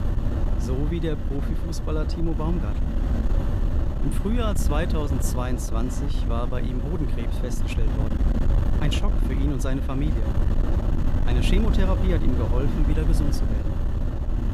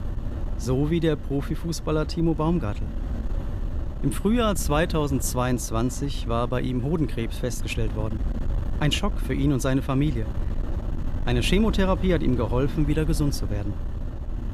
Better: second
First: wind noise on the microphone; heavy; 3 dB below the speech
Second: wind noise on the microphone; occasional gusts; 15 dB below the speech

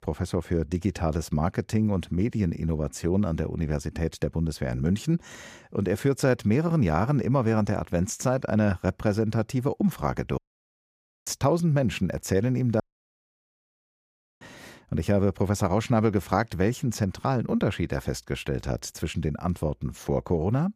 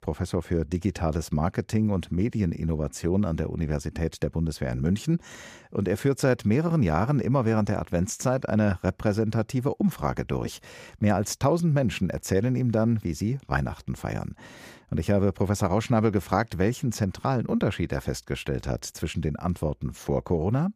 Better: second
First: audio cutting out; at 10 s for 1 s and at 13 s for 1.5 s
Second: none

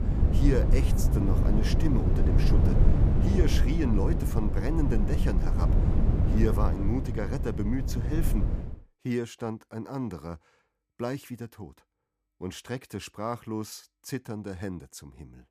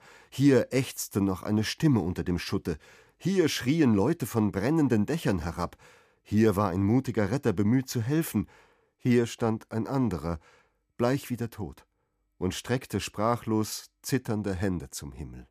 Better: second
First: wind noise on the microphone; heavy; until 8.5 s; 2 dB below the speech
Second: none

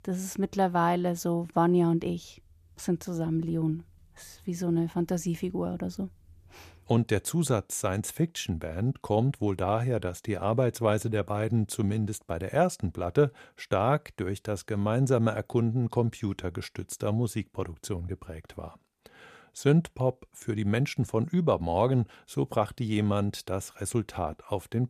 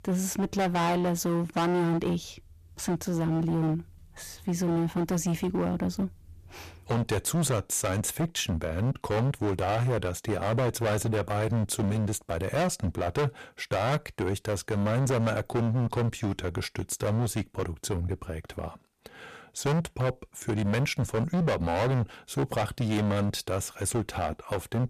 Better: first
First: none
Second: distortion; heavy; 19% of the sound clipped

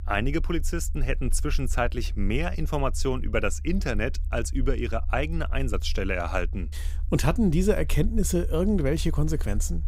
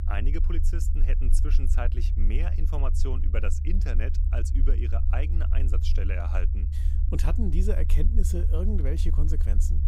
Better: first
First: low rumble; faint; throughout; 25 dB below the speech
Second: low rumble; loud; throughout; 7 dB below the speech

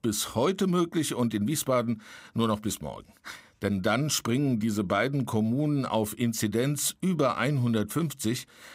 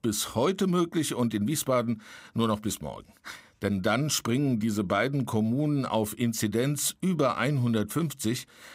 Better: neither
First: none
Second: none

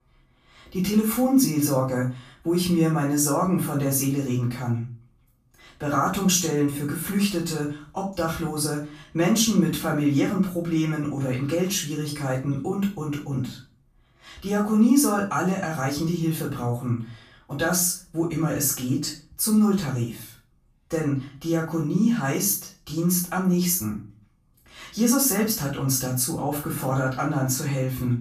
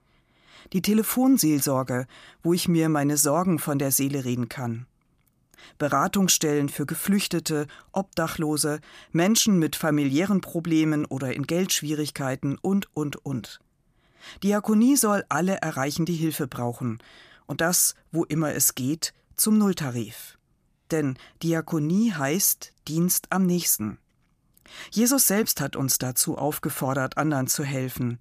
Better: second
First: room echo; slight; dies away in 0.3 s // off-mic speech; far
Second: none

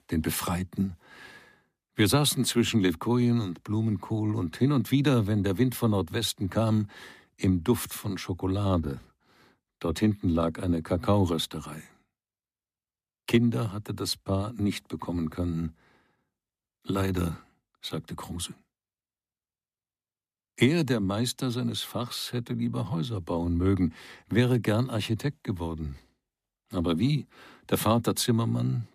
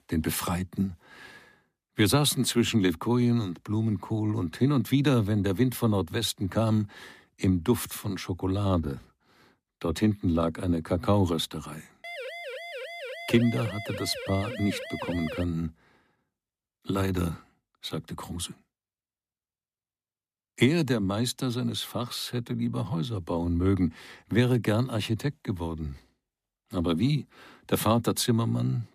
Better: first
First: none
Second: siren; noticeable; from 12 to 15 s; peak 9 dB below the speech

